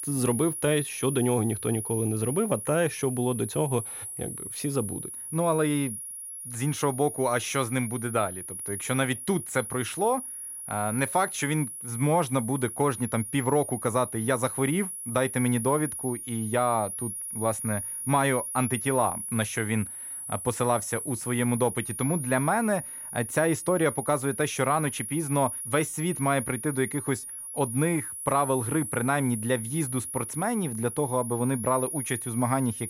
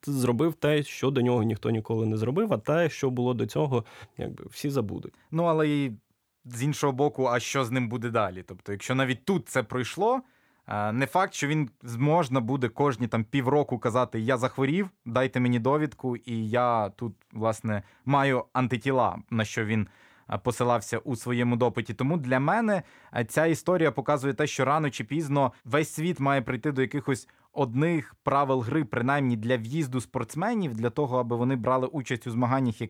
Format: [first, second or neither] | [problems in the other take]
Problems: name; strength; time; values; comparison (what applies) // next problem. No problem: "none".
second | high-pitched whine; loud; throughout; 10.5 kHz, 6 dB below the speech